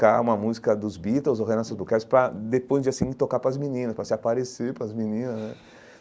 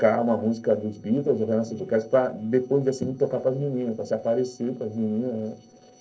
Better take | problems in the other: first | noise reduction (neural separator model SepFormer DNS4)

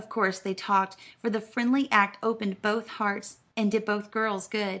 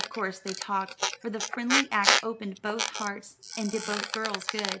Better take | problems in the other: first | background sound (Squeak); 1 dB above the speech

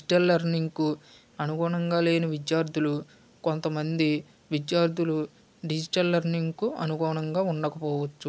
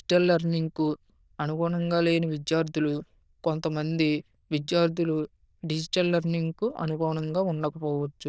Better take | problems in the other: first | noise reduction (neural diffusion model UNIVERSE++)

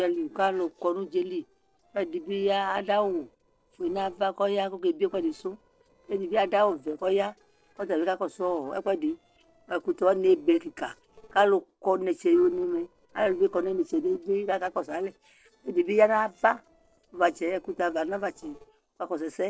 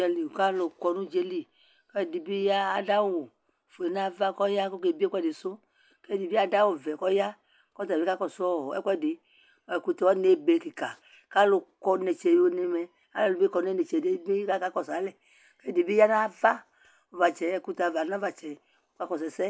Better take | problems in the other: second | noise reduction (neural separator model SepFormer DNS4)

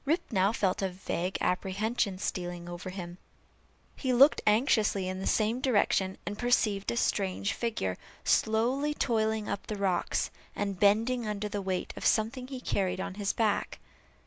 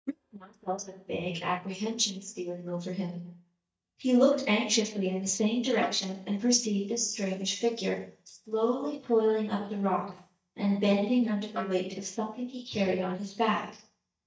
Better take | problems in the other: first | noise reduction (neural mask model DeepFilterNet 3)

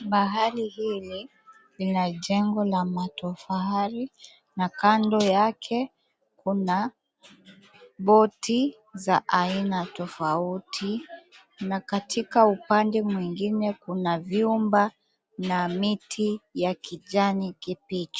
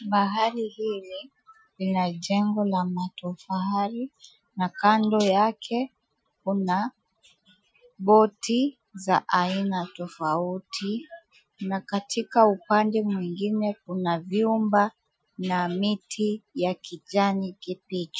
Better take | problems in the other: first | noise reduction (classical method Wiener filter)

